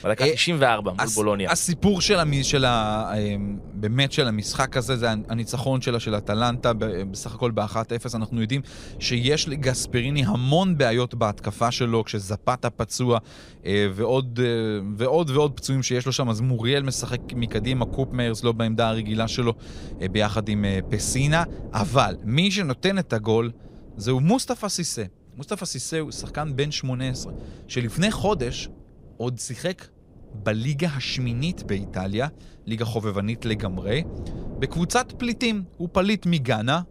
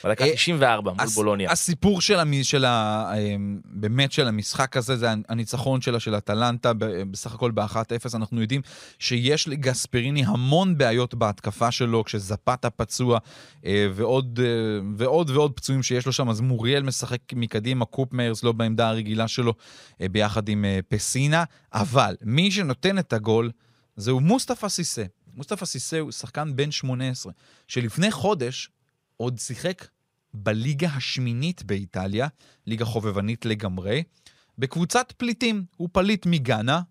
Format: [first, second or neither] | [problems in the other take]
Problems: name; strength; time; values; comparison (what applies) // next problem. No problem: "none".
second | wind noise on the microphone; occasional gusts; 20 dB below the speech